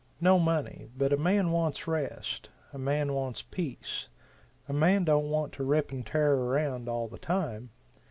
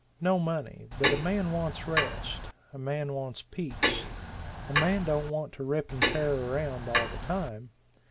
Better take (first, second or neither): first